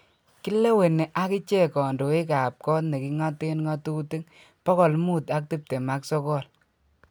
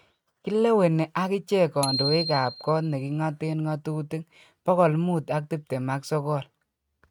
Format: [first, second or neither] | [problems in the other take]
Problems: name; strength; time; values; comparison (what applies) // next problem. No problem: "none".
first | noise reduction (neural mask model RNNoise)